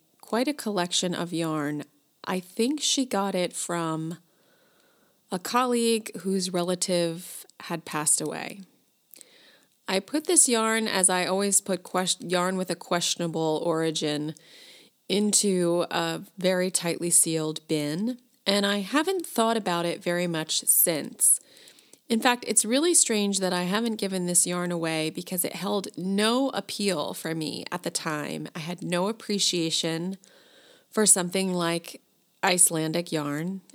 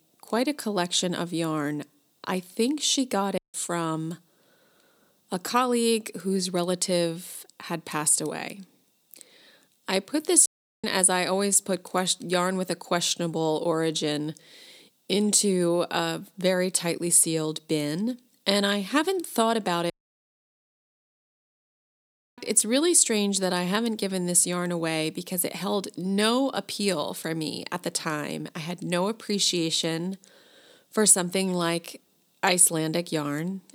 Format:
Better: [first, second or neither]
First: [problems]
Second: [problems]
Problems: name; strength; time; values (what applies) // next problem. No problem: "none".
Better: first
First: none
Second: audio cutting out; at 3.5 s, at 10 s and at 20 s for 2.5 s